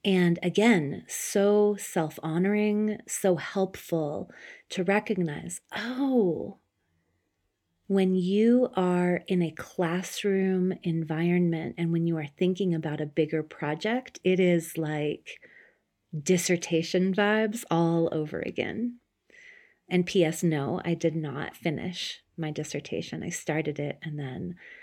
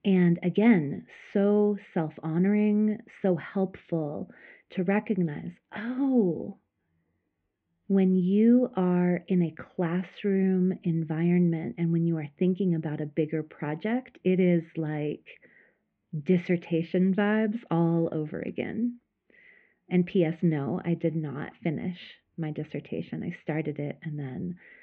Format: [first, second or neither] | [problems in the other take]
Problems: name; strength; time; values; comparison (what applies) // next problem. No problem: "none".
first | muffled; very; fading above 2.5 kHz